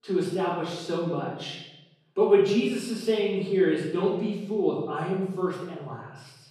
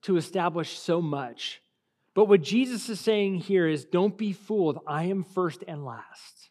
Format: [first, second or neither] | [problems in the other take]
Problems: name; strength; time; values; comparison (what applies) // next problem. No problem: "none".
second | off-mic speech; far // room echo; noticeable; dies away in 0.8 s